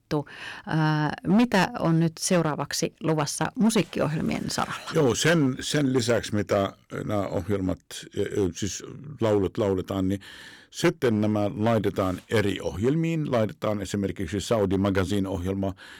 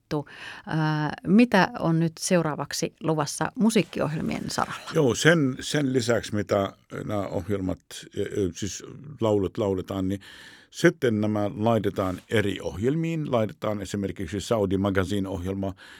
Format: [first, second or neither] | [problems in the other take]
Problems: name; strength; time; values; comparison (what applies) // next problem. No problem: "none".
second | distortion; slight; 4% of the sound clipped